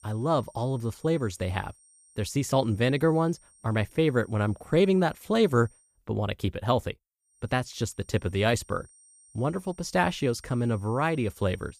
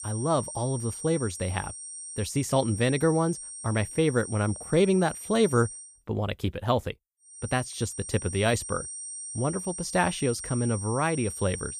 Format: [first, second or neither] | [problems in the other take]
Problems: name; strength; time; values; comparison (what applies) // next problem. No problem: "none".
first | high-pitched whine; loud; until 6 s and from 7.5 s on; 8.5 kHz, 9 dB below the speech; faint in the first